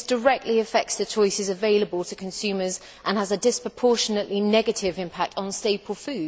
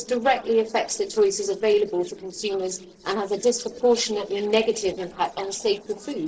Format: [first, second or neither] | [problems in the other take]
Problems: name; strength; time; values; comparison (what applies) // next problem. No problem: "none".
first | noise reduction (neural separator model SepFormer DNS4)